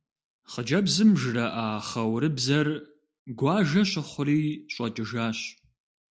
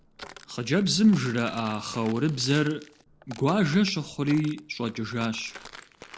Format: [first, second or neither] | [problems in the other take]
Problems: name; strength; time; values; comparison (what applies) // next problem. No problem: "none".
first | background sound (Walk, footsteps); 20 dB below the speech